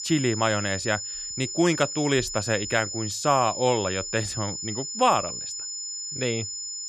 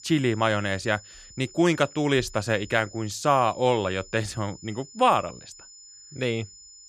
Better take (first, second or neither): second